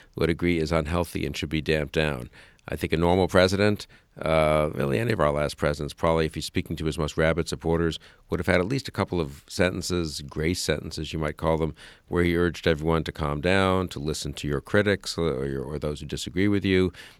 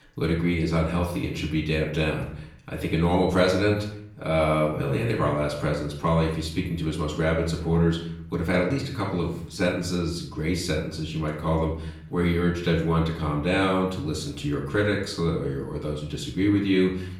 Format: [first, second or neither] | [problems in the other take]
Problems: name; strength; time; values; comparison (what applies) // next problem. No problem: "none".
first | off-mic speech; far // room echo; noticeable; dies away in 0.6 s